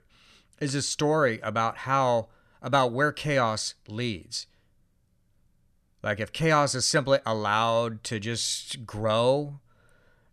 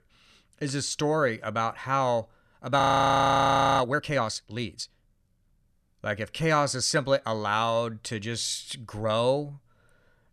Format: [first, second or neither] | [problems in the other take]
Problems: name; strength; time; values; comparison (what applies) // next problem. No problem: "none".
first | audio freezing; at 3 s for 1 s